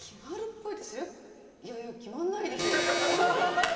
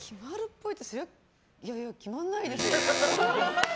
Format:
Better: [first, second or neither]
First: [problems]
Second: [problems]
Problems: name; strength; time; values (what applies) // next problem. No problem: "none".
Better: second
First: room echo; dies away in 2.4 s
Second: none